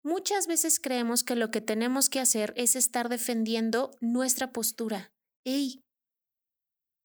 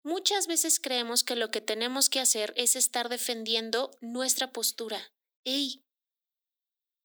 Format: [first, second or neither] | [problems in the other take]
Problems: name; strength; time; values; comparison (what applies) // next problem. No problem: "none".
first | thin; very slightly; fading below 300 Hz